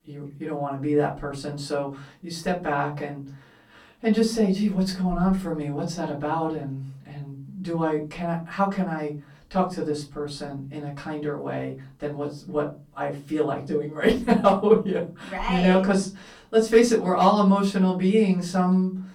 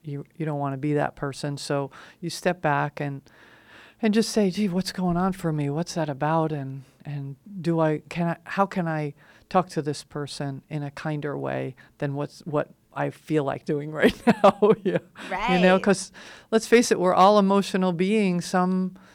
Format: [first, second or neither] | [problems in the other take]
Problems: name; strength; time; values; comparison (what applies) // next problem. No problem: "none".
second | off-mic speech; far // room echo; very slight; dies away in 0.3 s